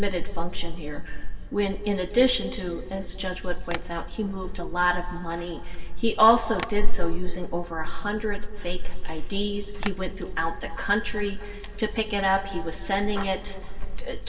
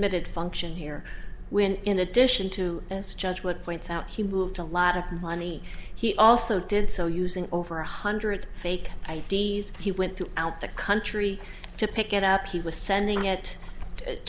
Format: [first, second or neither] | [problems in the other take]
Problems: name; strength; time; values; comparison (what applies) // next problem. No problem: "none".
second | background sound (Tap); 20 dB below the speech // room echo; dies away in 2.4 s